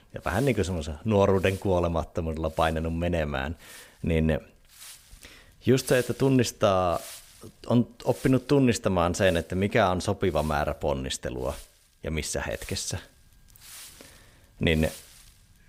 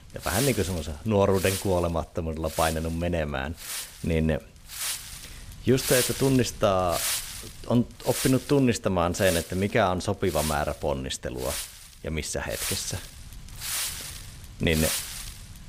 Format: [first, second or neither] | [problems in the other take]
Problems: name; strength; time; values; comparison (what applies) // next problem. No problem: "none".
first | wind noise on the microphone; heavy; 6 dB below the speech; occasional gusts in the first